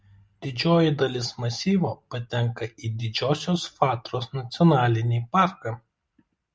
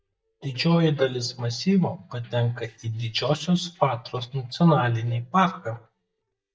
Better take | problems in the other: first | noise reduction (neural mask model DeepFilterNet 3)

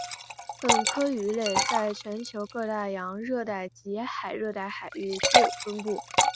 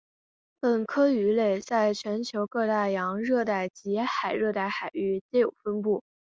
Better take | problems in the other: second | background sound (Liquid); 2 dB above the speech

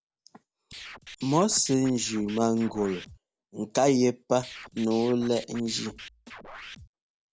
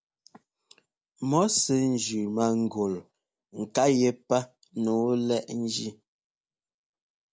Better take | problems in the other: second | background sound (Scratching (performance technique)); 17 dB below the speech

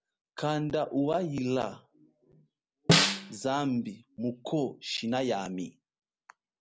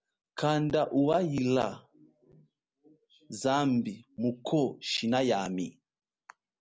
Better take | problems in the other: second | background sound (Snare drum); 5 dB above the speech

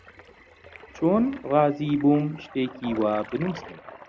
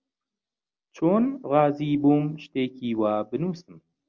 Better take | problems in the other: second | background sound (Toilet flush); 17 dB below the speech

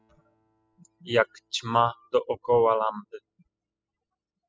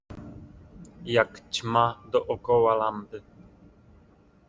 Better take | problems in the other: second | noise reduction (classical method spectral subtraction)

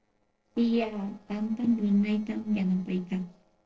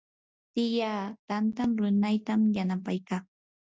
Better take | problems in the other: second | noise reduction (neural separator model SepFormer DNS4)

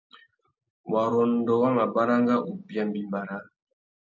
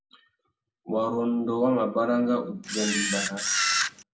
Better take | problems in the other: first | background sound (Camera); 1 dB above the speech // room echo; dies away in 0.5 s

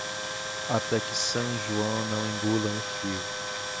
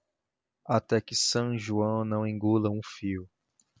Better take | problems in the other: second | background sound (Tools); 2 dB below the speech

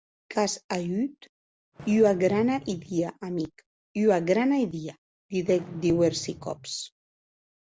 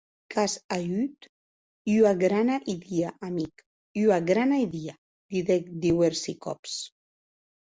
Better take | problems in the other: second | background sound (Fireworks); 16 dB below the speech

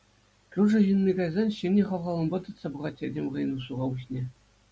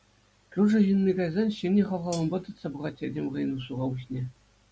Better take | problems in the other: first | background sound (Hi-hat); 17 dB below the speech

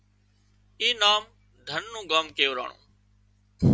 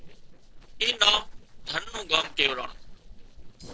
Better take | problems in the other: first | noise reduction (neural separator model SepFormer DNS4)

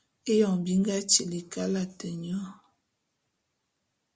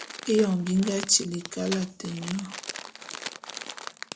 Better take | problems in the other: first | background sound (Crumpling, crinkling); 11 dB below the speech

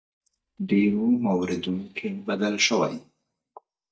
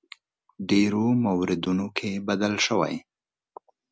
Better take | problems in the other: second | noise reduction (neural mask model DeepFilterNet 3)

